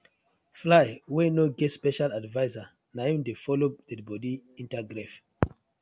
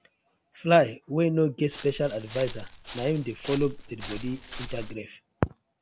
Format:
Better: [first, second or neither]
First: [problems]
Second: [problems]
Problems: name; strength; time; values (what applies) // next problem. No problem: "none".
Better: first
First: none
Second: background sound (Walk, footsteps); 11 dB below the speech